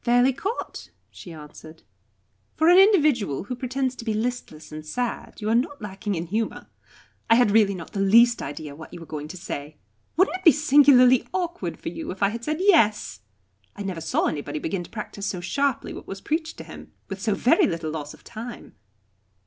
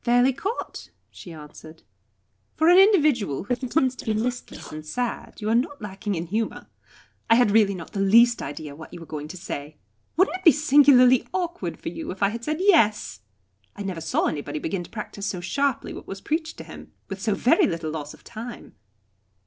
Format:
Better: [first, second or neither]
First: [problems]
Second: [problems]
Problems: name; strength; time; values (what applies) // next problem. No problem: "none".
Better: first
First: none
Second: noise reduction (neural separator model SepFormer DNS4)